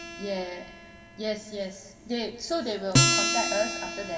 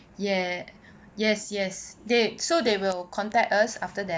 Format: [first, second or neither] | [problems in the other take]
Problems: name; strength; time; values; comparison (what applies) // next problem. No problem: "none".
second | background sound (Acoustic guitar); 3 dB above the speech // room echo; dies away in 2.1 s